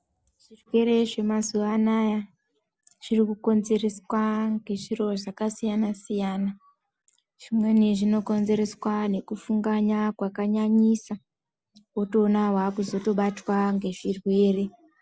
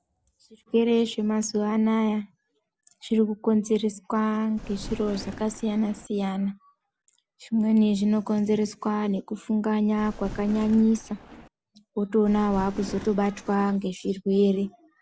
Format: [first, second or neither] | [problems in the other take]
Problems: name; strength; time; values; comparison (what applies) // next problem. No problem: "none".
first | background sound (Thunder); 14 dB below the speech